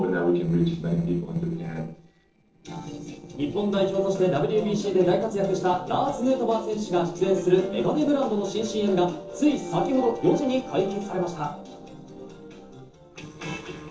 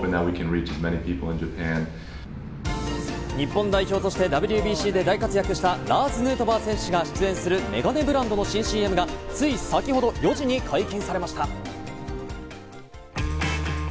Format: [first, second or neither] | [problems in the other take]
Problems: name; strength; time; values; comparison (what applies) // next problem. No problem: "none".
second | noise reduction (neural separator model SepFormer DNS4)